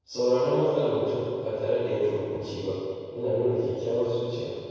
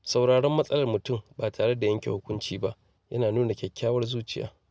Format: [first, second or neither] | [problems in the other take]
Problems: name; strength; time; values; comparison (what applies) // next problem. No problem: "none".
second | room echo; dies away in 2.1 s